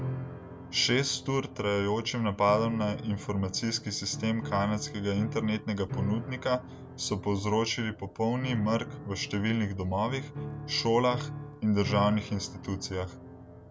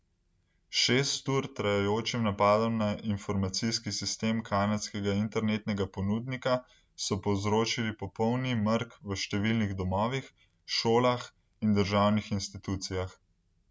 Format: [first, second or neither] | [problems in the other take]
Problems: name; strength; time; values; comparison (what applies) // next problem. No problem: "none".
second | background sound (Piano); 10 dB below the speech